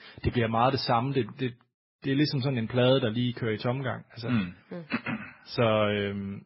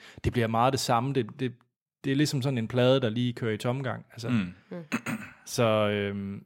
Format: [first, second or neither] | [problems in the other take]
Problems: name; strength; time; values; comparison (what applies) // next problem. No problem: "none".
second | garbled, watery; badly; nothing above 5.5 kHz